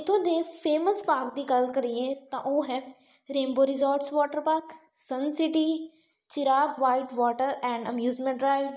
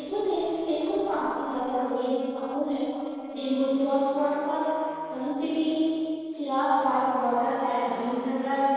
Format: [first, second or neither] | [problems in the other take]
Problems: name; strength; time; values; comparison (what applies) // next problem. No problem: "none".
first | noise reduction (neural separator model SepFormer DNS4)